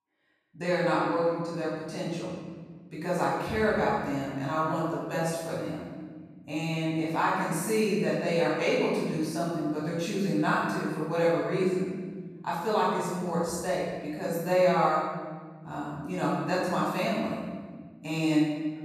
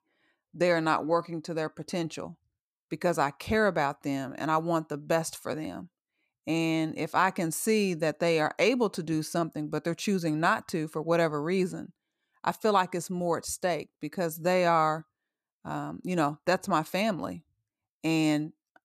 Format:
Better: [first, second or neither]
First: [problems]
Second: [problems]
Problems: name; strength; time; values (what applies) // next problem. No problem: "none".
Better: second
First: off-mic speech; far // room echo; strong; dies away in 1.5 s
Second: none